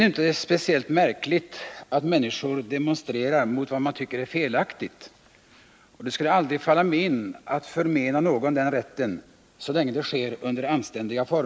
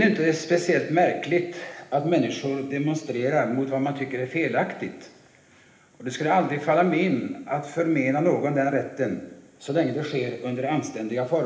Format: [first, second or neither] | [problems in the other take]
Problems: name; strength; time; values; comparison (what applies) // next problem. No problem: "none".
first | room echo; dies away in 1 s